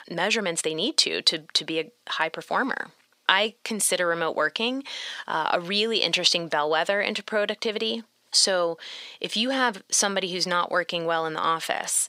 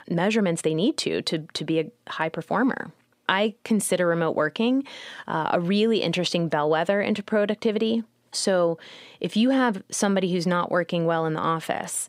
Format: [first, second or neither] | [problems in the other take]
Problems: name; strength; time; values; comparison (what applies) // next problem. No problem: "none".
second | thin; somewhat; fading below 1 kHz